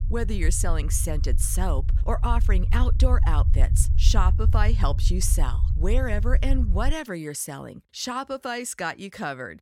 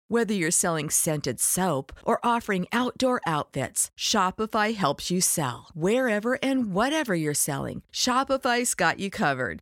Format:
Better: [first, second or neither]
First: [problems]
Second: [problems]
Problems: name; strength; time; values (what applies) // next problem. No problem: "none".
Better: second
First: low rumble; noticeable; until 7 s; 15 dB below the speech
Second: none